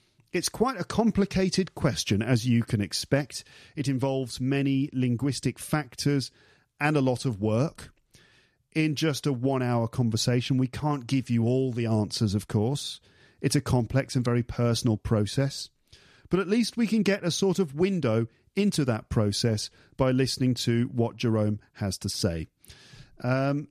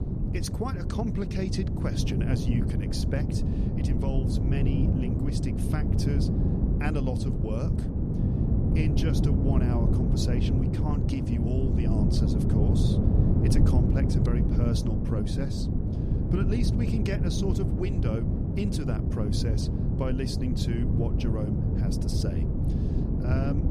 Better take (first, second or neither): first